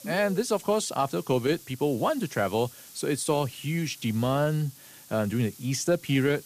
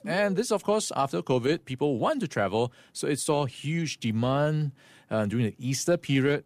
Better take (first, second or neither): second